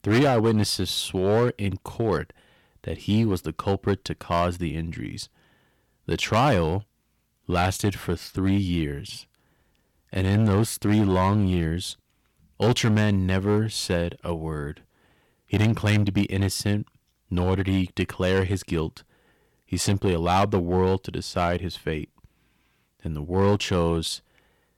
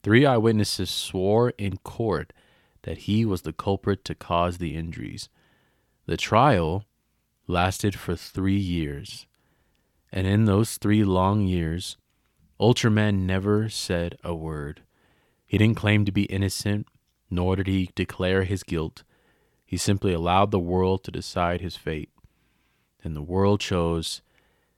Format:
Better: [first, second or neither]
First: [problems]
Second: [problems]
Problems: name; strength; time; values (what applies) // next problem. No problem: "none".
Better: second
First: distortion; slight; 4% of the sound clipped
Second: none